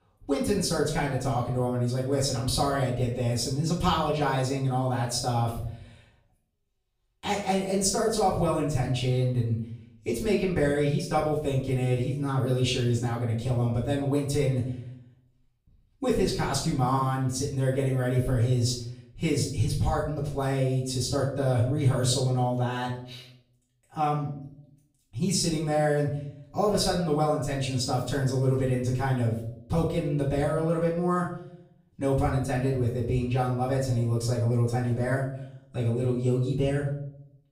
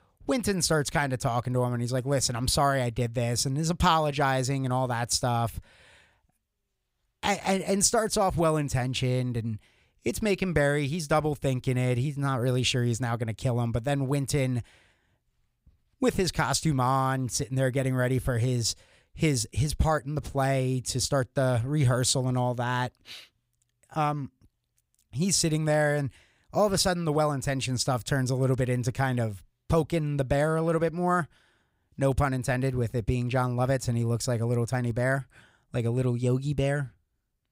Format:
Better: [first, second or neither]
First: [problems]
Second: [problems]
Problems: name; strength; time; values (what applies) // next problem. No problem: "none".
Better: second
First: room echo; noticeable; dies away in 0.6 s // off-mic speech; far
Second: none